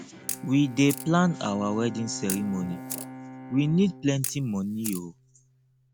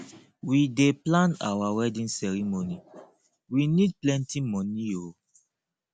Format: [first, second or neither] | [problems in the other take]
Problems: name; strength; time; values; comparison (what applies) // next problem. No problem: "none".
second | background sound (Camera + Bowed string instrument); 12 dB below the speech